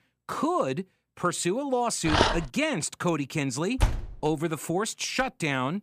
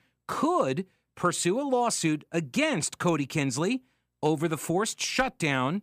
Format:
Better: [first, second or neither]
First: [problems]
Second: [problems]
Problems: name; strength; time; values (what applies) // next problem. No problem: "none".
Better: second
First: dog barking; loud; at 2 s; peak 5 dB above the speech // door banging; noticeable; at 4 s; peak 1 dB below the speech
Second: none